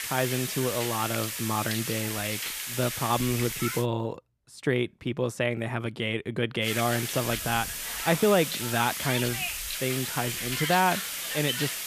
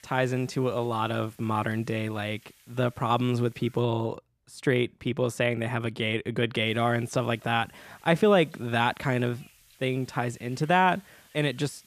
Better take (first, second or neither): second